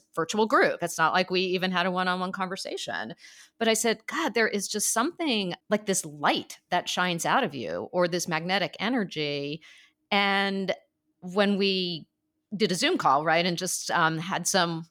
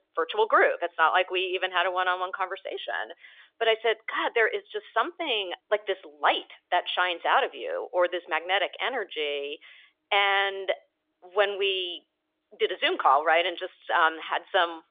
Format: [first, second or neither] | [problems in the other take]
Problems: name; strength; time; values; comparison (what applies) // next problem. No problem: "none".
first | phone-call audio; nothing above 3.5 kHz